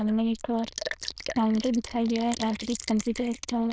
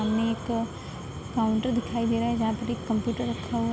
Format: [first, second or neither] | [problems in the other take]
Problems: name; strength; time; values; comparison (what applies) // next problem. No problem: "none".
second | noise reduction (neural diffusion model UNIVERSE++)